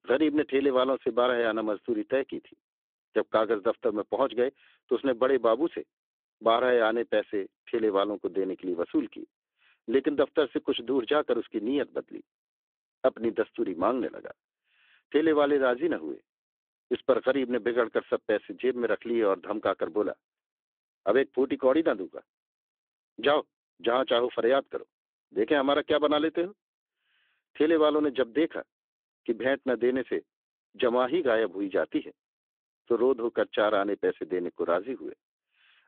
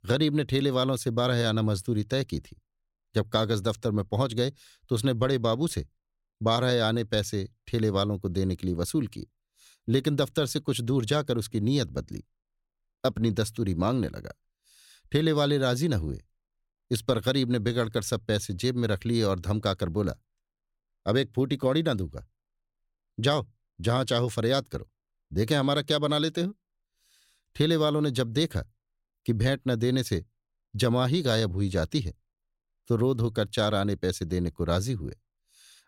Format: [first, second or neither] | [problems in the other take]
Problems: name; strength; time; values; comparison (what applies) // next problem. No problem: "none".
second | phone-call audio; nothing above 3.5 kHz